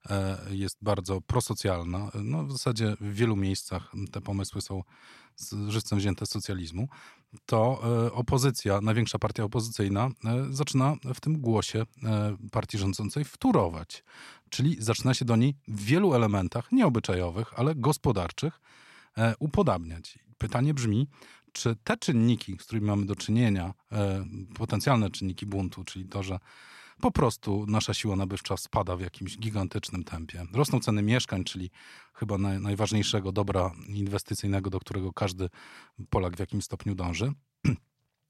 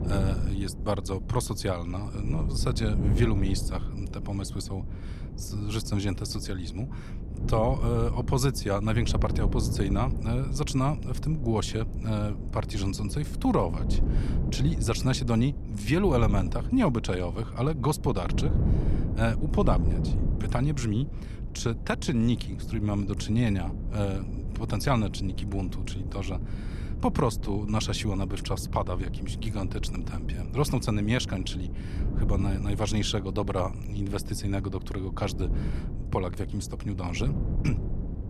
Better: first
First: none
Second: wind noise on the microphone; occasional gusts; 10 dB below the speech

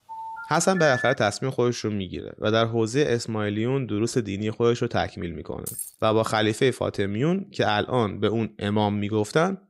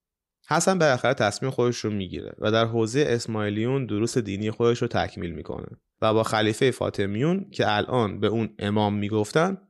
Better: second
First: phone ringing; noticeable; until 1 s; peak 5 dB below the speech // jangling keys; noticeable; at 5.5 s; peak 8 dB below the speech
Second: none

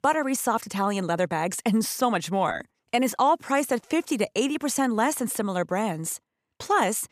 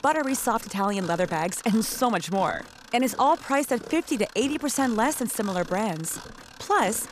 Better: first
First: none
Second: machinery noise; noticeable; throughout; 15 dB below the speech

